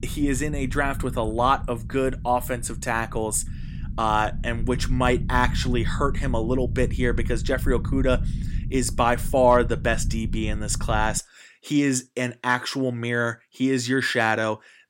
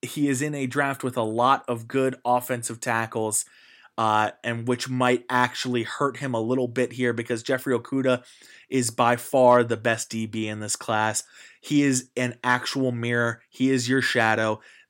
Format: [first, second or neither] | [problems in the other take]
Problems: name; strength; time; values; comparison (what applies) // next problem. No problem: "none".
second | low rumble; noticeable; until 11 s; 20 dB below the speech